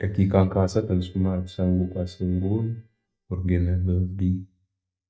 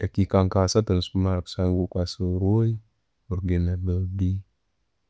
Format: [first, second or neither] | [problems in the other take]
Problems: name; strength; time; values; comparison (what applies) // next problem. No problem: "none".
second | noise reduction (neural mask model DeepFilterNet 3)